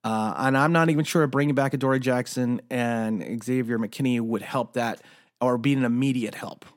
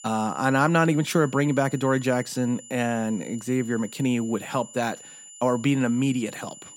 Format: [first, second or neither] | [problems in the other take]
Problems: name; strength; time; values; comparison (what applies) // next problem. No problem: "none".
first | high-pitched whine; noticeable; throughout; 7 kHz, 20 dB below the speech